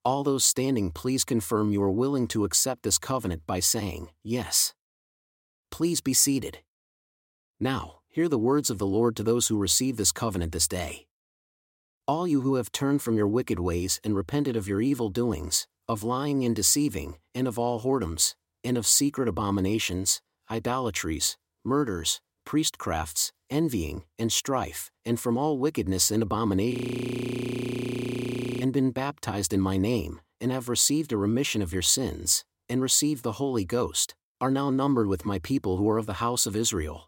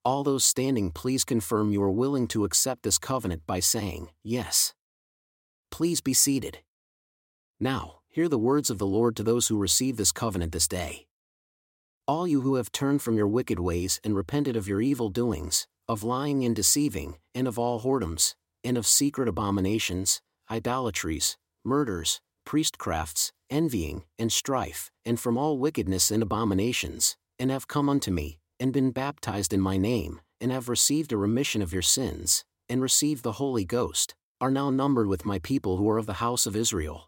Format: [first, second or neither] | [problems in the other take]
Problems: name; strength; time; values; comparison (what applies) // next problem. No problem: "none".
second | audio freezing; at 27 s for 2 s